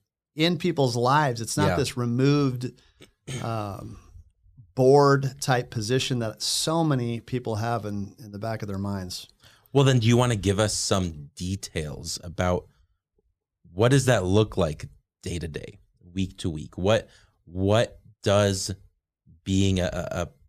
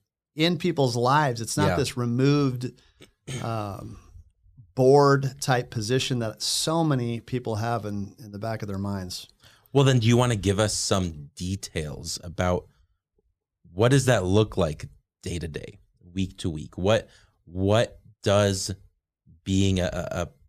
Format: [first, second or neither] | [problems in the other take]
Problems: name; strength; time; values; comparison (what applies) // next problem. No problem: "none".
neither | none